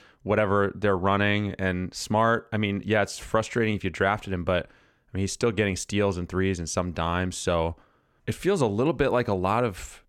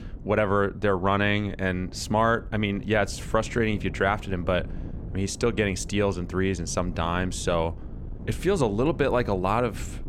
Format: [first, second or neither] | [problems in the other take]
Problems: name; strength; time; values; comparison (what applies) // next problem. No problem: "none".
first | wind noise on the microphone; occasional gusts; 20 dB below the speech